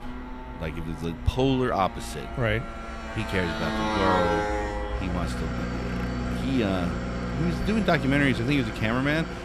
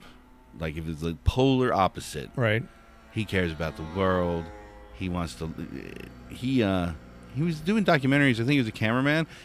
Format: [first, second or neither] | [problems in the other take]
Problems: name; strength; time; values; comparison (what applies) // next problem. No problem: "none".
second | traffic noise; loud; throughout; 4 dB below the speech; faint in the second